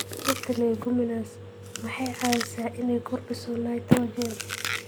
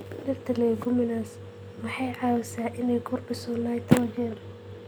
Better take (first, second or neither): second